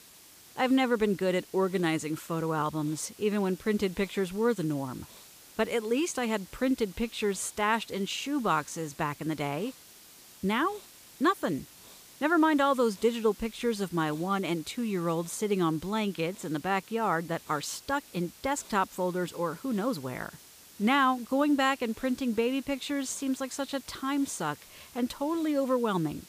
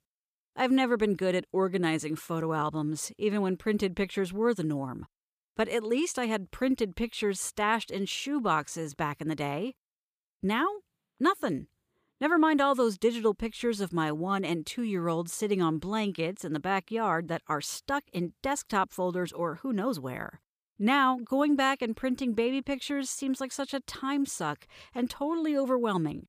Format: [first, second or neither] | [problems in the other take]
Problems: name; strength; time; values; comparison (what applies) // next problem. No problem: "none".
second | hiss; faint; throughout; 20 dB below the speech